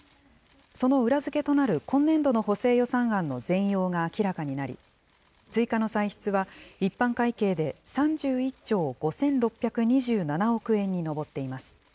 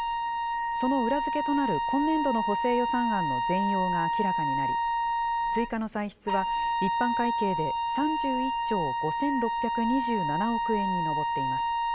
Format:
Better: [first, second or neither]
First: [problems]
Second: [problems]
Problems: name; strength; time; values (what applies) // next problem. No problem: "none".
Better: first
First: none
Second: background sound (Wind instrument, woodwind instrument); 3 dB above the speech